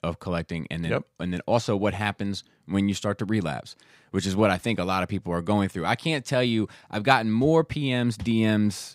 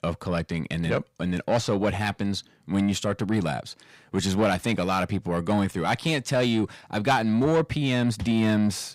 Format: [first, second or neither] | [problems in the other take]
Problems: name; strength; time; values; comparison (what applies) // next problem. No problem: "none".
first | distortion; slight; 10 dB below the speech